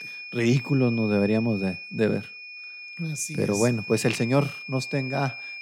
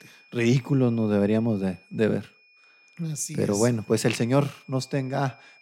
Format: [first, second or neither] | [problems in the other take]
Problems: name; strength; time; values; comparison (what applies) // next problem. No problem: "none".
second | high-pitched whine; loud; throughout; 2.5 kHz, 10 dB below the speech; faint in the second